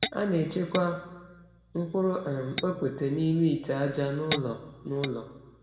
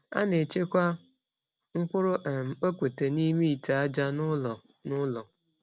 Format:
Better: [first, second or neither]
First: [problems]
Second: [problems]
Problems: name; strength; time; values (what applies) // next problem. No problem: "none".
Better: second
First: background sound (Tap / Glass); 11 dB below the speech // room echo; dies away in 1.1 s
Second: none